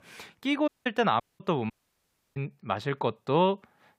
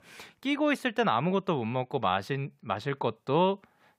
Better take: second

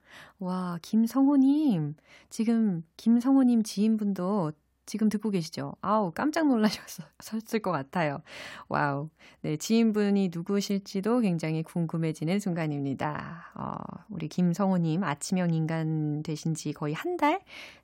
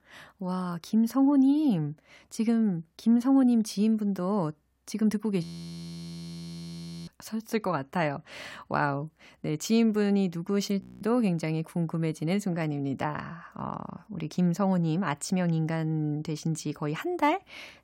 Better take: first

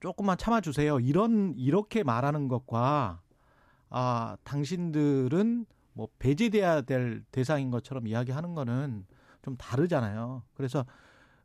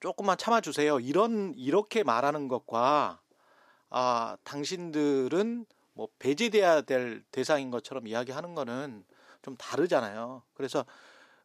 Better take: first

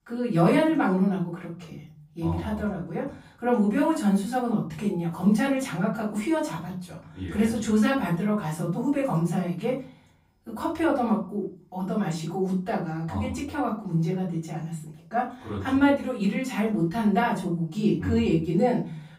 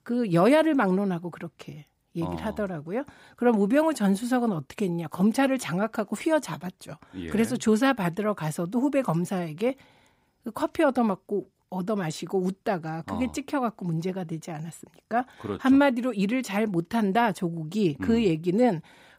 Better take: second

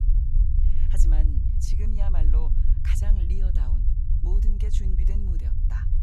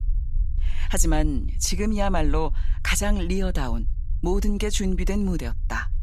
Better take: second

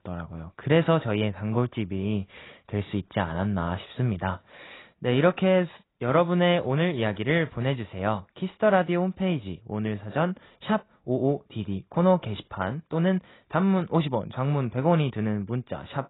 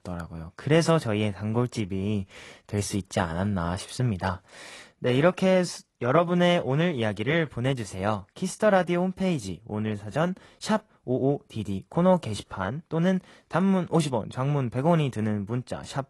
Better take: second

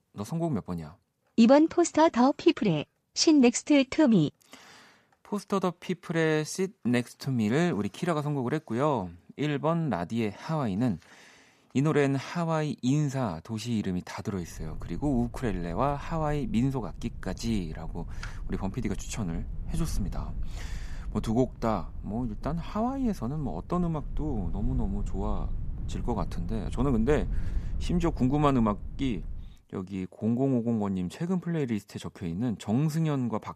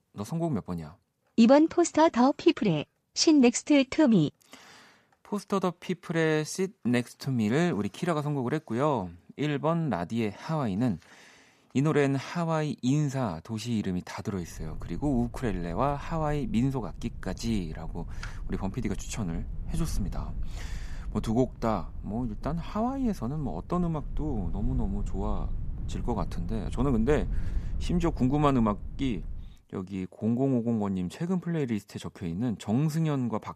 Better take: neither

